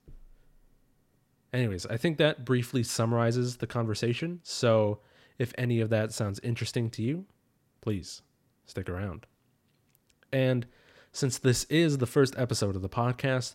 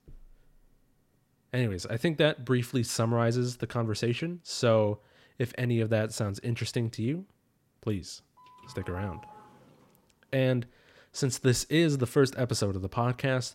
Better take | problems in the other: first | doorbell; faint; from 8.5 to 10 s; peak 15 dB below the speech

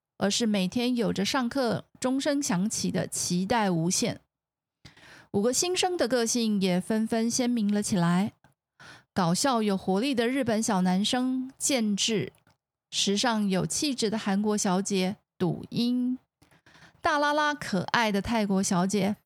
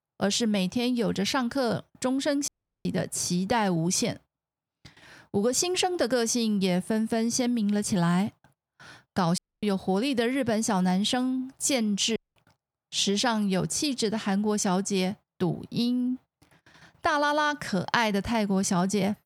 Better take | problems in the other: first | audio cutting out; at 2.5 s, at 9.5 s and at 12 s

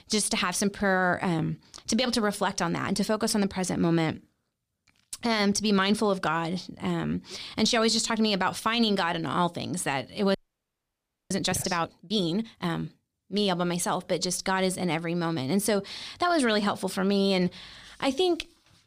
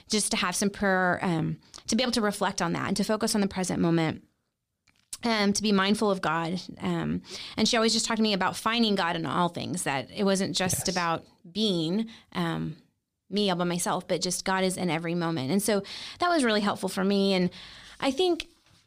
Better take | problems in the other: second | audio freezing; at 10 s for 1 s

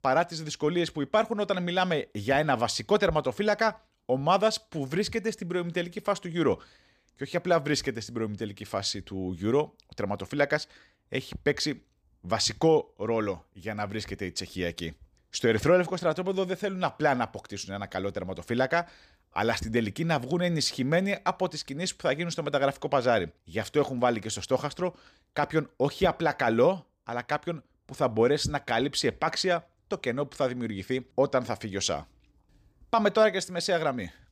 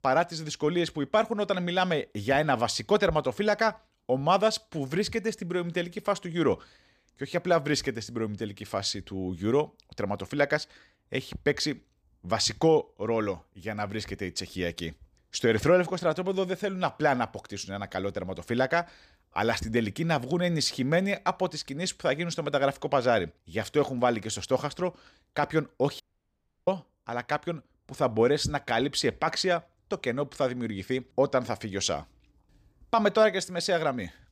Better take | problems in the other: first | audio cutting out; at 26 s for 0.5 s

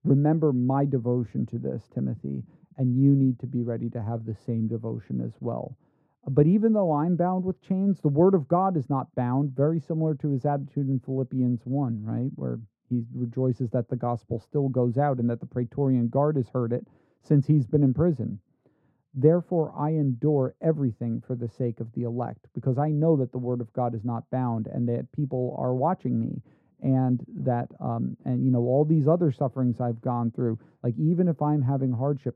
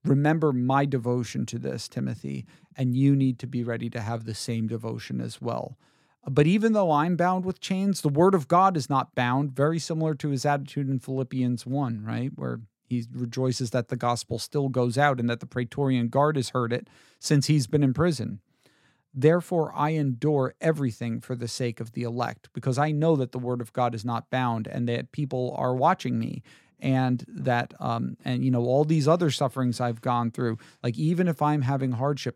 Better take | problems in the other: second | muffled; very; fading above 1.5 kHz

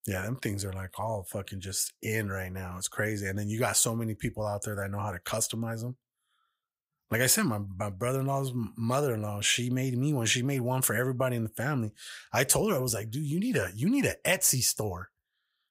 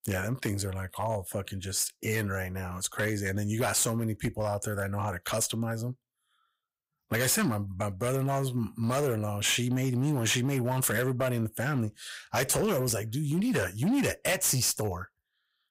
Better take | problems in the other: first | distortion; slight; 7% of the sound clipped

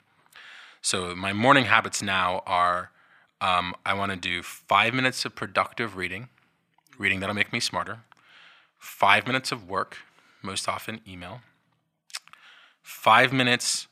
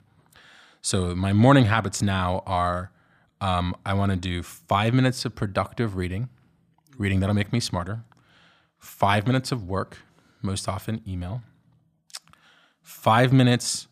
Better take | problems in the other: second | thin; somewhat; fading below 1 kHz

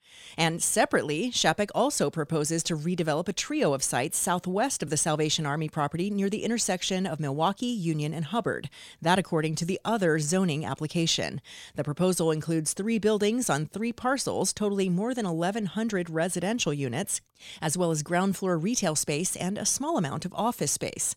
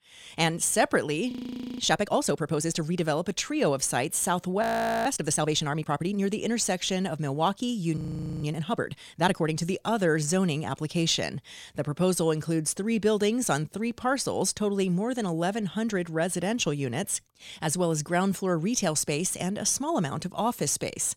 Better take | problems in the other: first | audio freezing; at 1.5 s, at 4.5 s and at 8 s

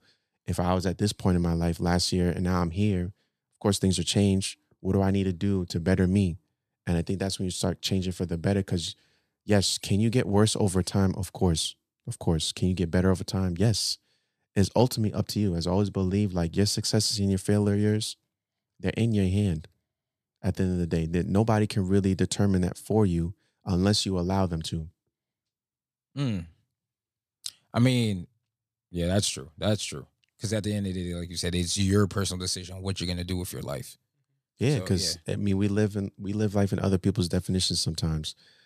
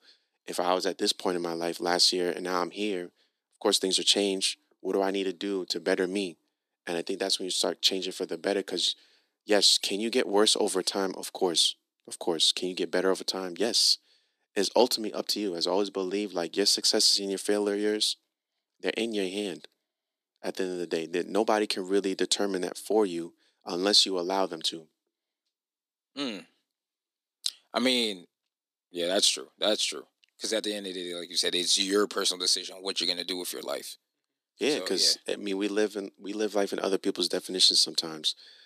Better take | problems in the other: first | thin; somewhat; fading below 300 Hz

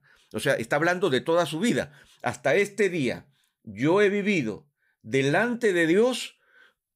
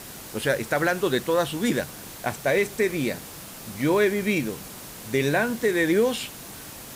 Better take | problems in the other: first | hiss; noticeable; throughout; 15 dB below the speech

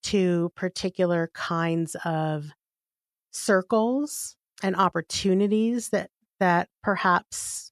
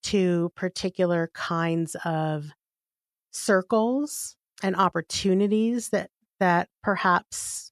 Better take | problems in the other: neither | none

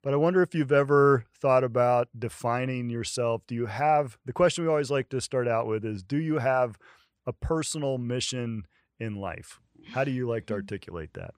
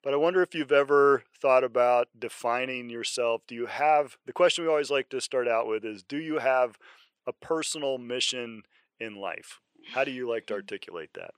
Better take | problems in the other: first | thin; somewhat; fading below 400 Hz

